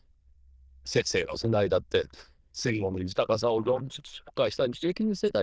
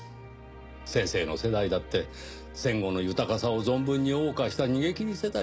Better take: second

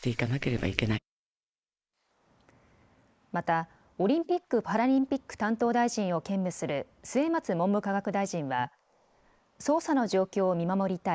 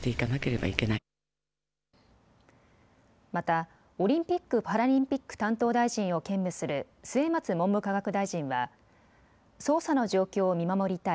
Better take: second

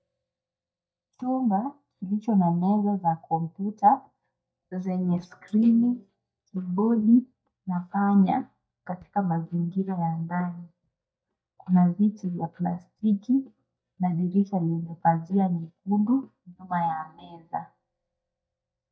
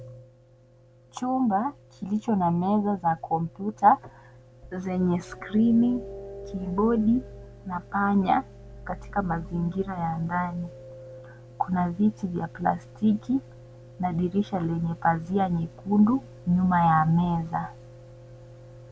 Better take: second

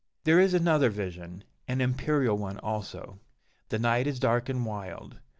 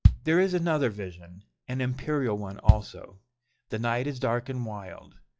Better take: first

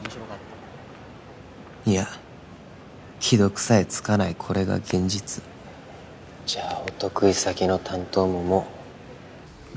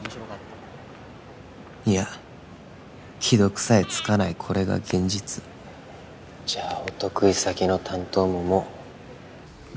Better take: first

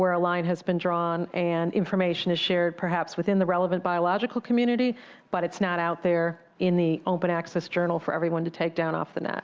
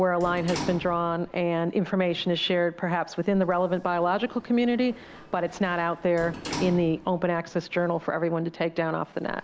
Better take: first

